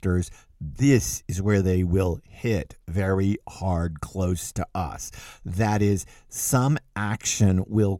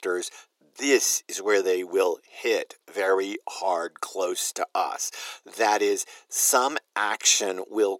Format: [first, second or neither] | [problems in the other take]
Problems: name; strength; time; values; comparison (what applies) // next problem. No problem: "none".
first | thin; very; fading below 350 Hz